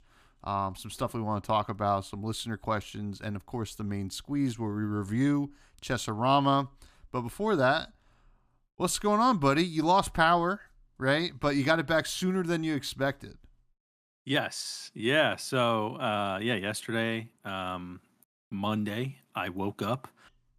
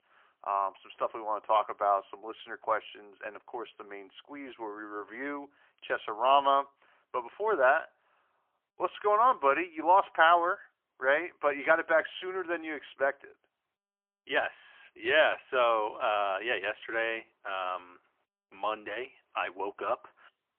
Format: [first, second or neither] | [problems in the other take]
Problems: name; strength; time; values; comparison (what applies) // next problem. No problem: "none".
first | phone-call audio; poor line; nothing above 3.5 kHz